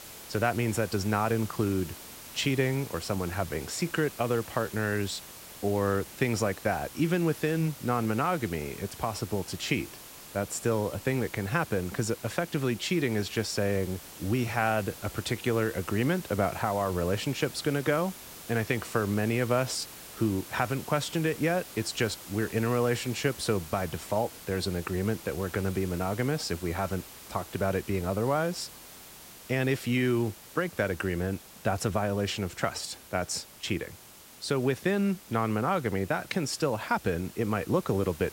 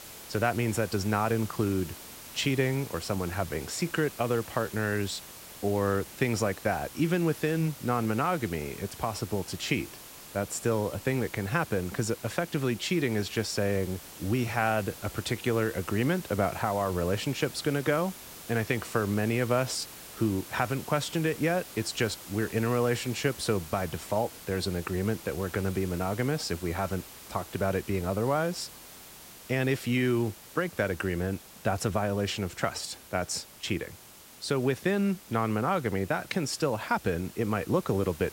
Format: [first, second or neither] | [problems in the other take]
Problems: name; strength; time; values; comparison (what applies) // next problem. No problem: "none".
neither | hiss; noticeable; throughout; 15 dB below the speech; the same in both